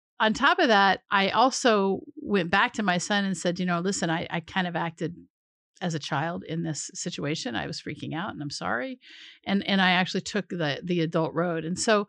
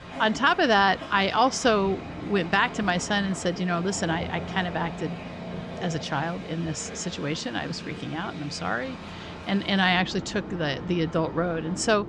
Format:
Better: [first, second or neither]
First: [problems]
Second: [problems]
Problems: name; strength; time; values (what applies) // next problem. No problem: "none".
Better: first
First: none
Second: train or aircraft noise; noticeable; throughout; 10 dB below the speech